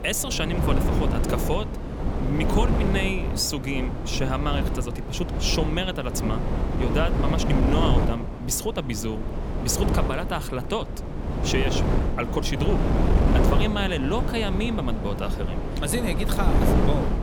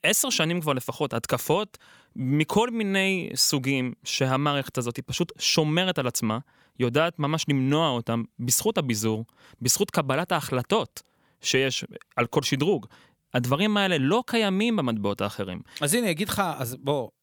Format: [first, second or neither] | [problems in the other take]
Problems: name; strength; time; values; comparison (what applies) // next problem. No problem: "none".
second | wind noise on the microphone; heavy; 2 dB below the speech